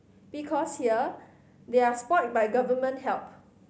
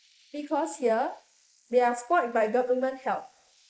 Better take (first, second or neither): first